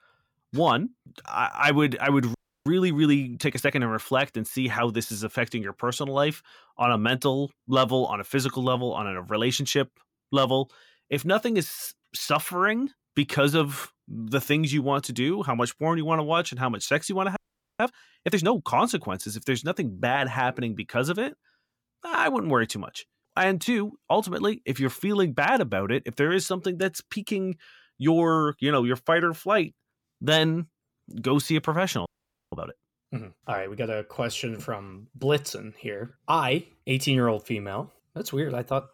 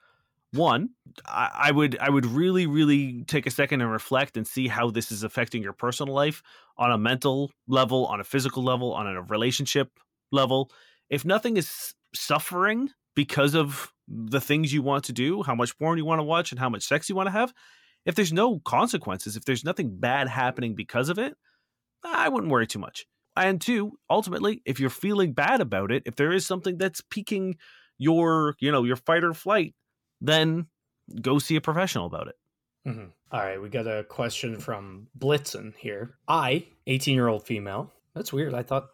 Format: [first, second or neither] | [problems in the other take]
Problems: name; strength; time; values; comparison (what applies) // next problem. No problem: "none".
second | audio freezing; at 2.5 s, at 17 s and at 32 s